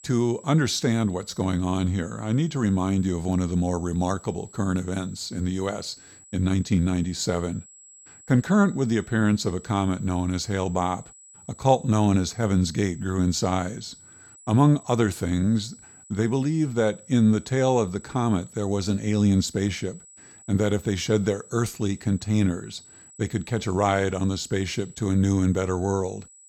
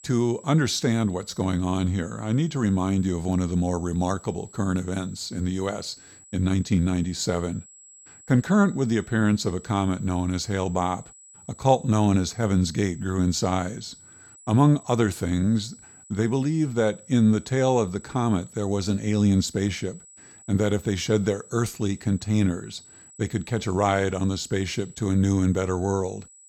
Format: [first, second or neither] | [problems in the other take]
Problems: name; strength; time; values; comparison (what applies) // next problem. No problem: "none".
neither | high-pitched whine; faint; throughout; 8 kHz, 20 dB below the speech; the same in both